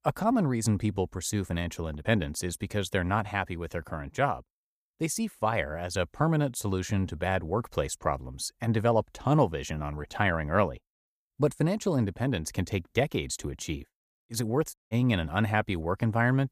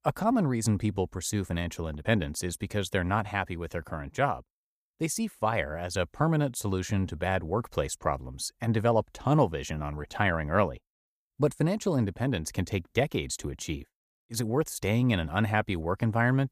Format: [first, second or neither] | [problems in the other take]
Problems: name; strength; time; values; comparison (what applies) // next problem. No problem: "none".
second | audio cutting out; at 15 s